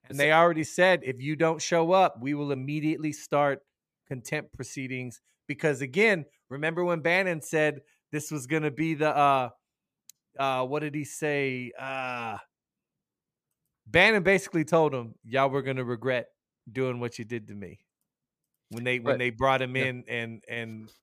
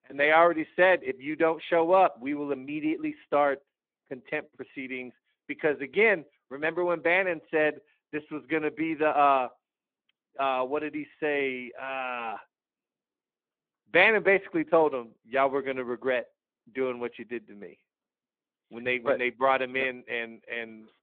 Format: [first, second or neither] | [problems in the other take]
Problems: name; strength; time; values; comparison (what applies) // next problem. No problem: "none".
first | phone-call audio